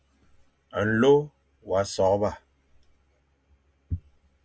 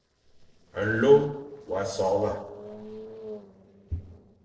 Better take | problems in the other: first | noise reduction (neural separator model SepFormer DNS4)

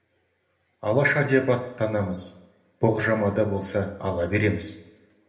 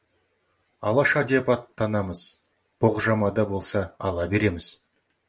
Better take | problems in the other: second | room echo; dies away in 0.9 s

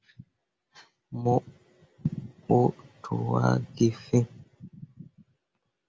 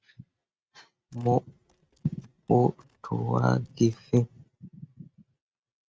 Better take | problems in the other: first | noise reduction (neural mask model RNNoise)

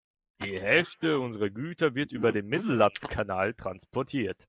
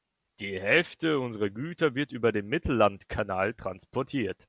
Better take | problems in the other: second | noise reduction (neural mask model Resemble Enhance denoiser)

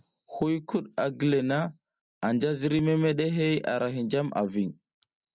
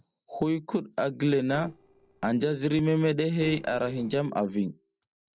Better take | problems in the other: first | noise reduction (neural separator model SepFormer DNS4)

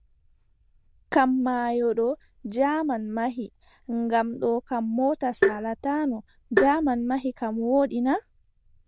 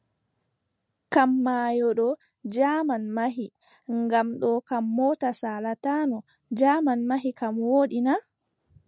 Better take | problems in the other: second | noise reduction (neural diffusion model UNIVERSE++)

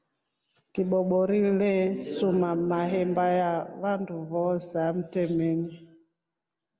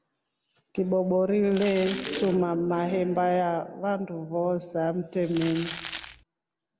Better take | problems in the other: first | background sound (Crumpling, crinkling); 12 dB below the speech

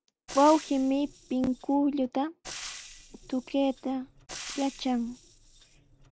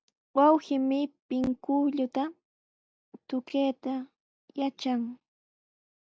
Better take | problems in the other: second | background sound (Frying (food)); 16 dB below the speech

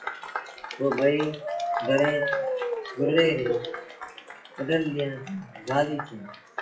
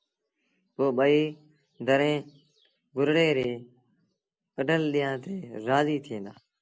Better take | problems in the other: second | noise reduction (classical method WPE with log-MMSE)

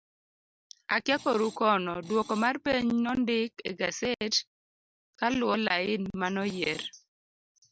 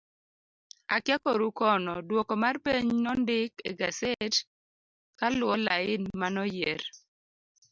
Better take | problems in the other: second | background sound (Screech); 19 dB below the speech

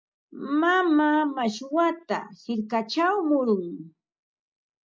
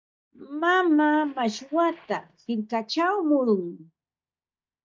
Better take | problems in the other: first | noise reduction (neural mask model DeepFilterNet 3)

